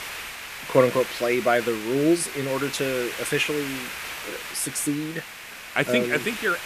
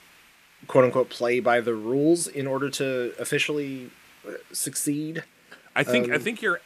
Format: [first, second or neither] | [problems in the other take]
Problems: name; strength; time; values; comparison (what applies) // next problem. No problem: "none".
second | hiss; loud; throughout; 9 dB below the speech; faint in the second